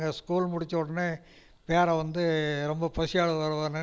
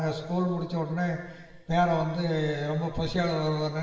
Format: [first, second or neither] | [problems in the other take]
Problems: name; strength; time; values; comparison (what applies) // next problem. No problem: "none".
first | room echo; dies away in 1.5 s